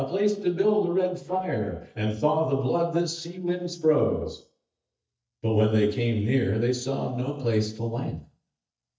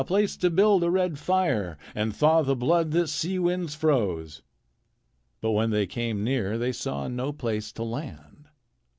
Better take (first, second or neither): second